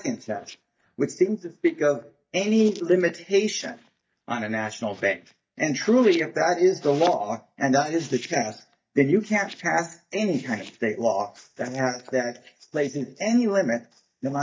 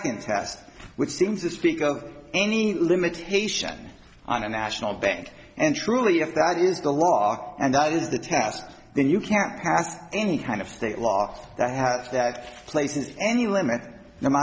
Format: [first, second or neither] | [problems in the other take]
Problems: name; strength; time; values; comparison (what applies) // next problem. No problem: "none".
second | noise reduction (neural mask model DeepFilterNet 3)